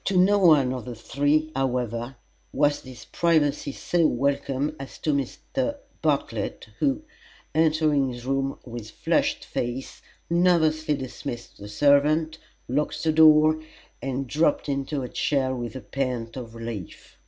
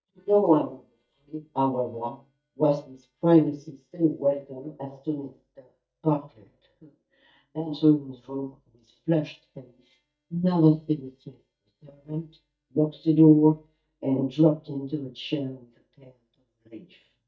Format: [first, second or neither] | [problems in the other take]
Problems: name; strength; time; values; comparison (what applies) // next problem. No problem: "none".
first | noise reduction (neural mask model DeepFilterNet 3)